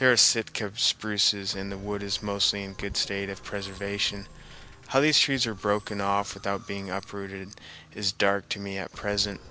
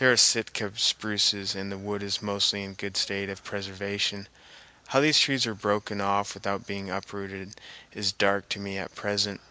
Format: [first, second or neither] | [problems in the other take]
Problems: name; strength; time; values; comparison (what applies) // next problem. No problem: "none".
second | background sound (Musical instrument); 19 dB below the speech